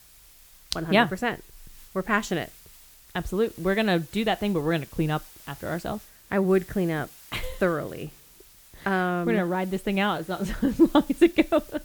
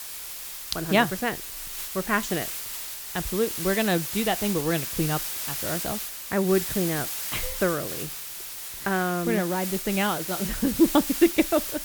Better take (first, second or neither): first